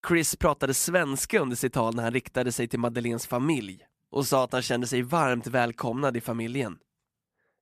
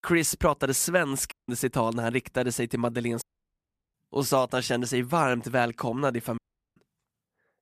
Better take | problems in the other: first | audio cutting out; at 1.5 s, at 3 s for 0.5 s and at 6.5 s

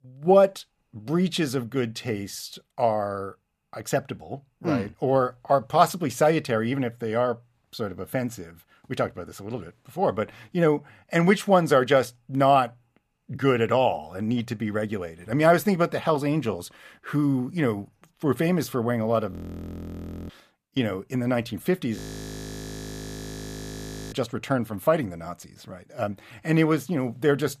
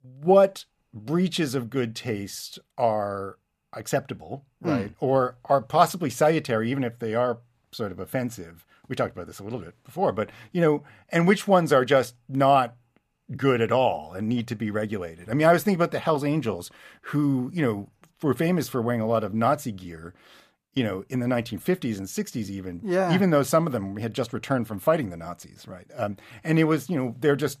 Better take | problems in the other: second | audio freezing; at 19 s for 1 s and at 22 s for 2 s

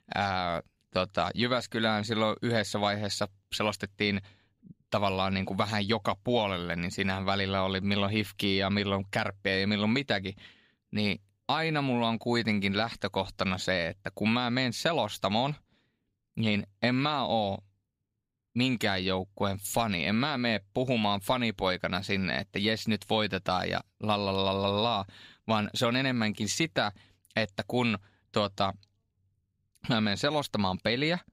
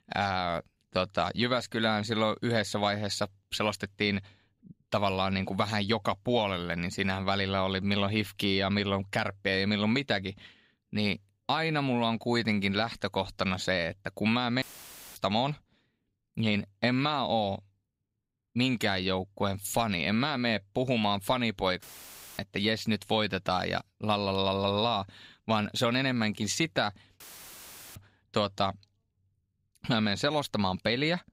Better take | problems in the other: first | audio cutting out; filled with static; at 15 s for 0.5 s, at 22 s for 0.5 s and at 27 s for 1 s

